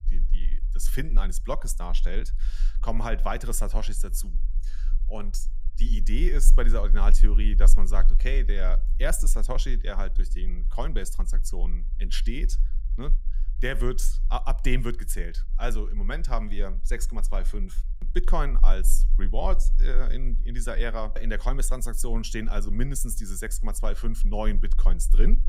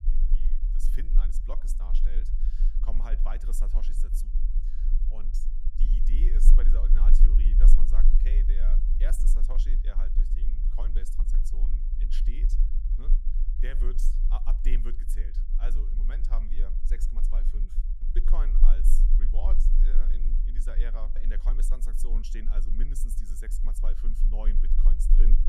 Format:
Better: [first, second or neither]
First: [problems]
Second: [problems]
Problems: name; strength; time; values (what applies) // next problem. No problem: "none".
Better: first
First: low rumble; faint; throughout; 20 dB below the speech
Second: low rumble; loud; throughout; 7 dB below the speech